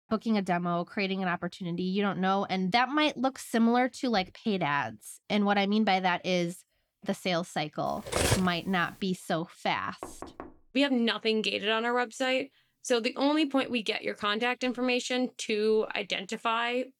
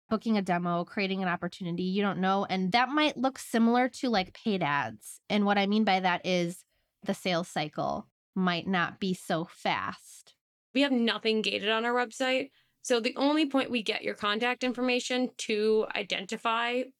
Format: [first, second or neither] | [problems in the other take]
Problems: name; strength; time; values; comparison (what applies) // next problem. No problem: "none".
second | clattering dishes; loud; at 8 s; peak 2 dB above the speech // door banging; faint; at 10 s; peak 15 dB below the speech